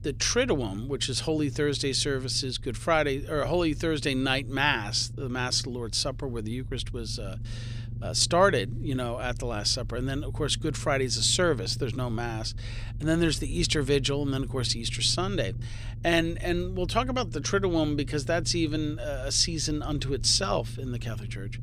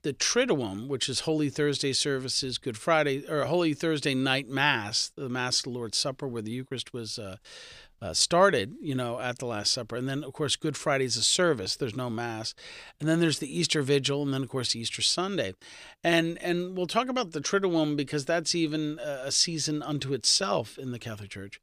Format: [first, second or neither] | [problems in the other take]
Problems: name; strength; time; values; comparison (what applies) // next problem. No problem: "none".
second | low rumble; faint; throughout; 25 dB below the speech